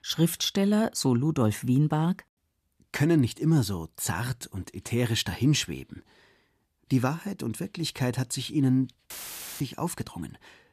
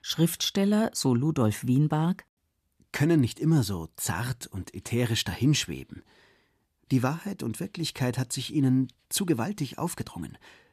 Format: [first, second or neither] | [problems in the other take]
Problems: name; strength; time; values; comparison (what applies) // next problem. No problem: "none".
second | audio cutting out; filled with static; at 9 s for 0.5 s